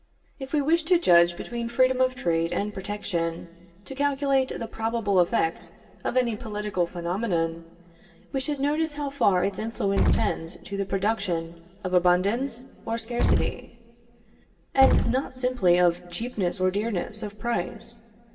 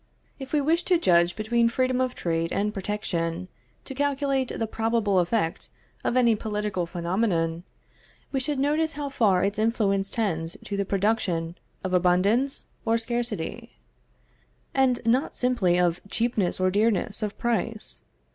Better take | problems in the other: second | background sound (Explosion); as loud as the speech // room echo; dies away in 2.9 s

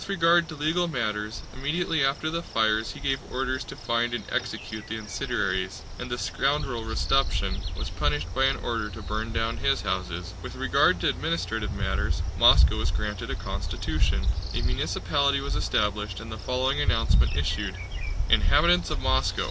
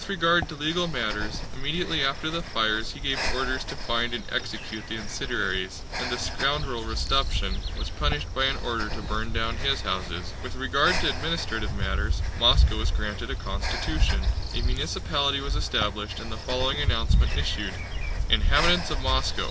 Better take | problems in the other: first | background sound (Breathing); 7 dB below the speech

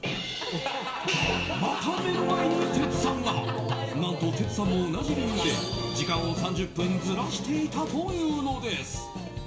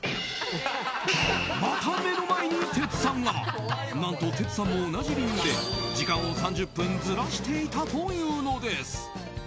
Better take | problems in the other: second | background sound (Guitar); 9 dB below the speech // room echo; dies away in 0.6 s

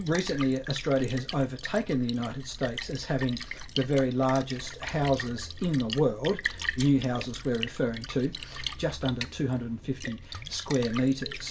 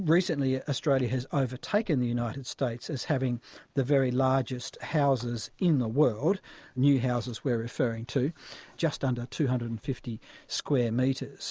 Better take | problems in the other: second | background sound (Splash, splatter); 10 dB below the speech // room echo; dies away in 0.7 s

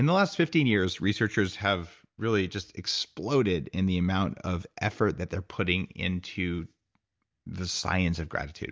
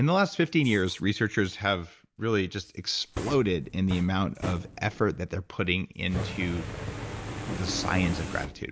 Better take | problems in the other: first | background sound (Fire); 10 dB below the speech

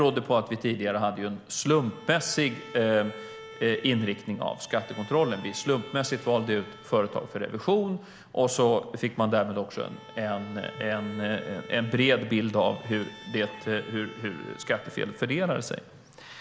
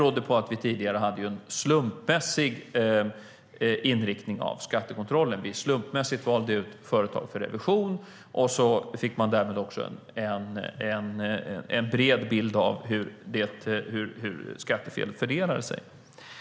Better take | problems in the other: second | background sound (Bowed string instrument); 19 dB below the speech

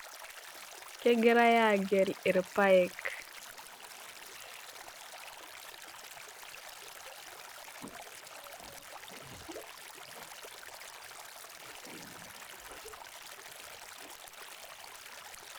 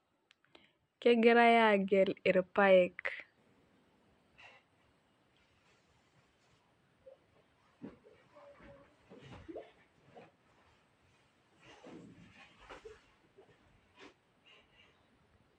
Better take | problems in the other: second | background sound (Stream); 13 dB below the speech

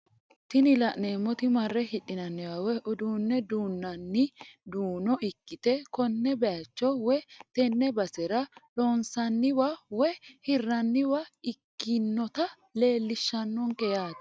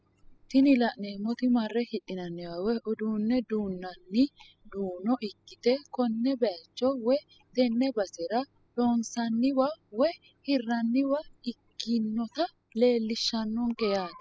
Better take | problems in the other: first | noise reduction (classical method spectral subtraction)

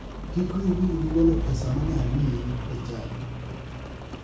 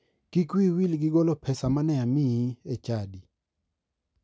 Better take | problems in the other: second | background sound (Rain); 4 dB below the speech // room echo; dies away in 0.5 s

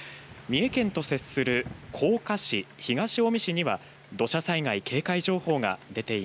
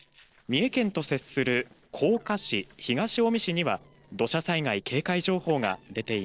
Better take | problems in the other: first | noise reduction (neural separator model SepFormer DNS4)

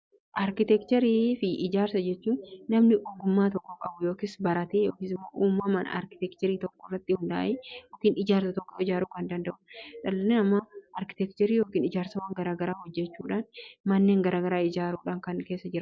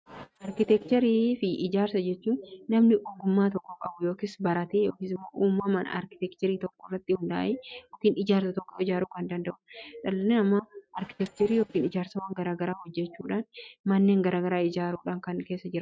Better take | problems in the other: first | noise reduction (neural mask model RNNoise)

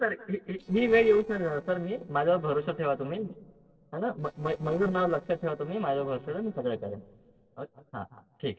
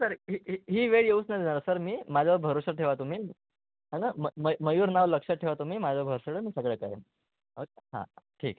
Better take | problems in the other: second | noise reduction (neural separator model SepFormer DNS4)

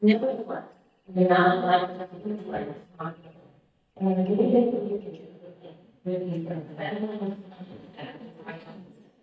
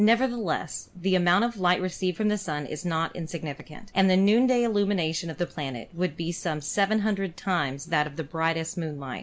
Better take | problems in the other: second | noise reduction (neural mask model DeepFilterNet 3)

